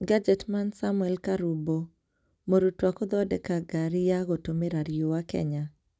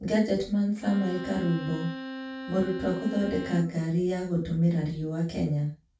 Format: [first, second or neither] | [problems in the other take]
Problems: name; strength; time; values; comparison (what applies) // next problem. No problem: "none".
first | background sound (Bowed string instrument); 11 dB below the speech // room echo; dies away in 0.3 s